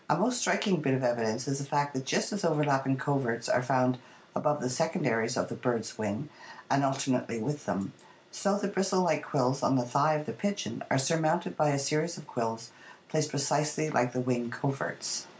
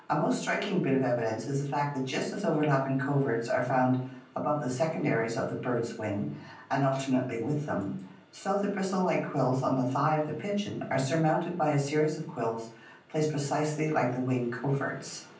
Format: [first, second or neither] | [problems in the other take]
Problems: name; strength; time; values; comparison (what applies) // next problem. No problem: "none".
first | room echo; dies away in 0.6 s